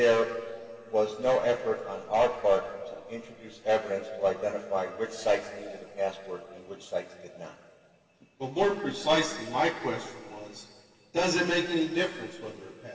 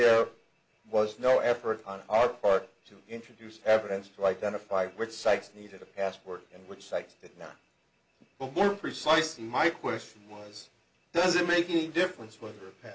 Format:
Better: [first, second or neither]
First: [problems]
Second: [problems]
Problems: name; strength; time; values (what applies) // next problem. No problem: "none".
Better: second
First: room echo; dies away in 2.8 s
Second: none